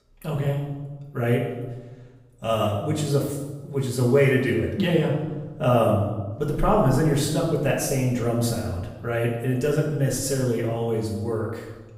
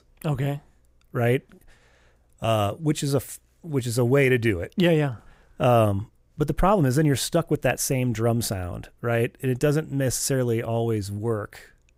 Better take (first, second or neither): second